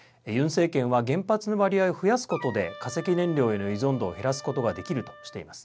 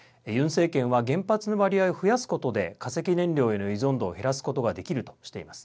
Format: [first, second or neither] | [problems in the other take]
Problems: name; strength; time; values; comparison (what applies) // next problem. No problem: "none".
second | background sound (Wind instrument, woodwind instrument); 18 dB below the speech